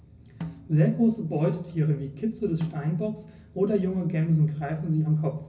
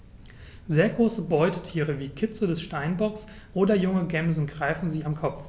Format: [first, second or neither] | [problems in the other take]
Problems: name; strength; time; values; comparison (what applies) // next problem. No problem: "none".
second | background sound (Snare drum); 18 dB below the speech // room echo; dies away in 0.4 s